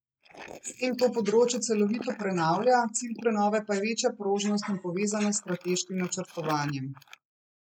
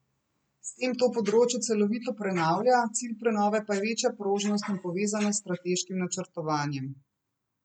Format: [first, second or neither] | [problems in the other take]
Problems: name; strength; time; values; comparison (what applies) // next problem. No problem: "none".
second | noise reduction (neural mask model Resemble Enhance denoiser)